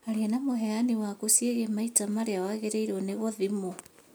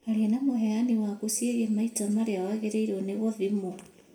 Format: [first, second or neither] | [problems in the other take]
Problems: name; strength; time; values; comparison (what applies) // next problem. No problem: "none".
first | room echo; dies away in 0.6 s